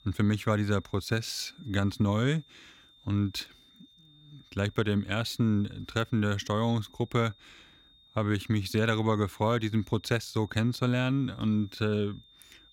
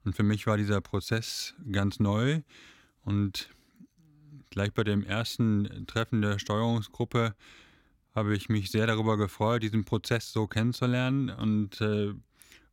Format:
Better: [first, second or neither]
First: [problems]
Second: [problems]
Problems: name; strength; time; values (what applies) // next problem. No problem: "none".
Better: second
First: high-pitched whine; faint; throughout; 3.5 kHz, 30 dB below the speech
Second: none